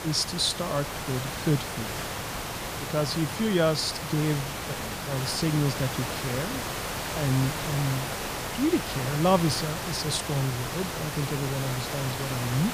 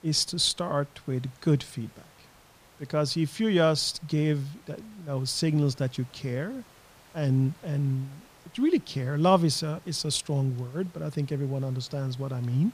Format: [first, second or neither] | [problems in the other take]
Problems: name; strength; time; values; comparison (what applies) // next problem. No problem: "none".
second | hiss; loud; throughout; 4 dB below the speech; faint in the second